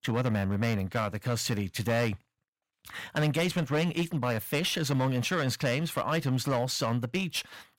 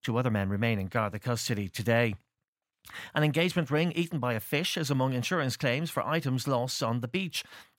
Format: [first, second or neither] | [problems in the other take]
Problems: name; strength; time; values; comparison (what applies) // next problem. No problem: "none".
second | distortion; slight; 10% of the sound clipped